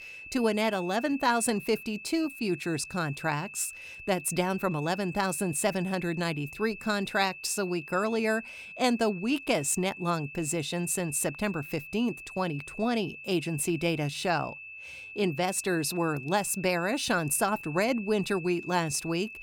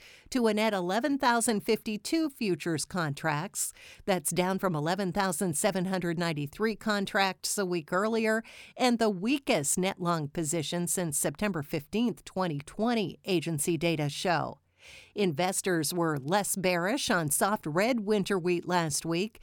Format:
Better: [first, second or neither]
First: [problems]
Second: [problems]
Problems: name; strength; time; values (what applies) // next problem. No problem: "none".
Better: second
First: high-pitched whine; noticeable; throughout; 2.5 kHz, 15 dB below the speech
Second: none